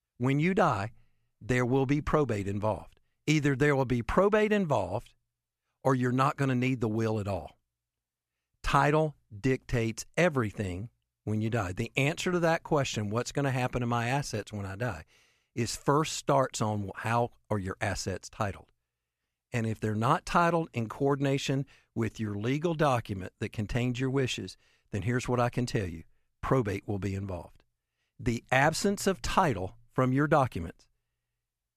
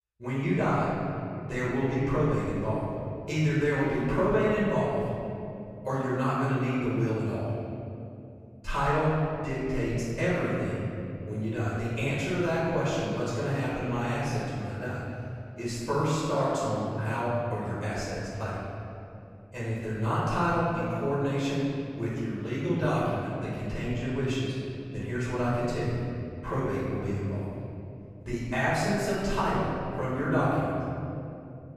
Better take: first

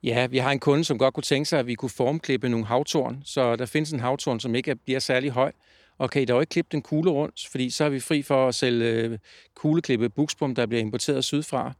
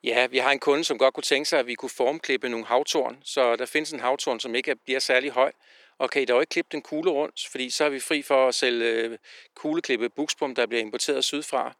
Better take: first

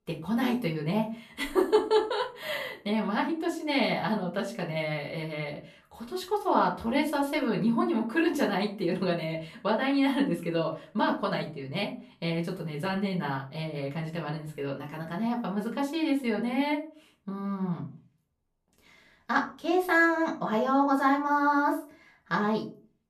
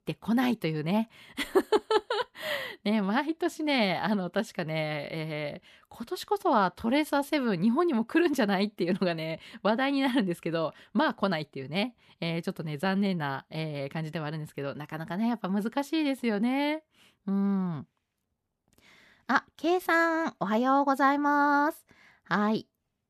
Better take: second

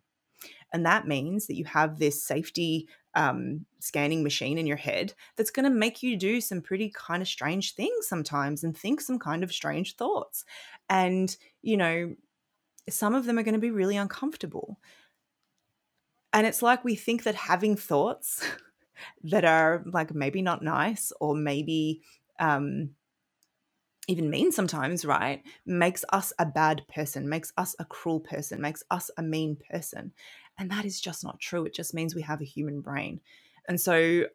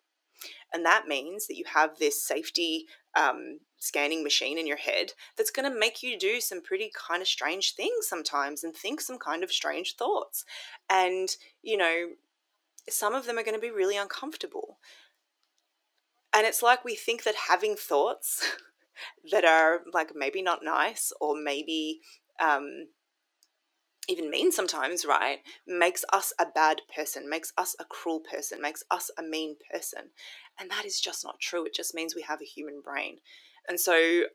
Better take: first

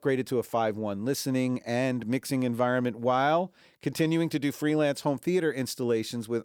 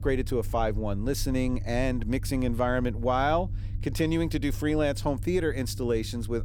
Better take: first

